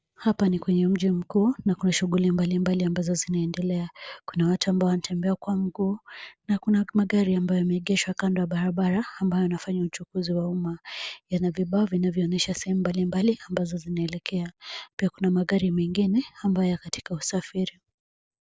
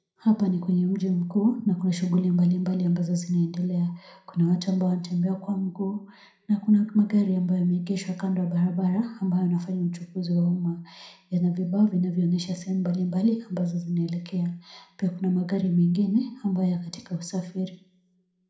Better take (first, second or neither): first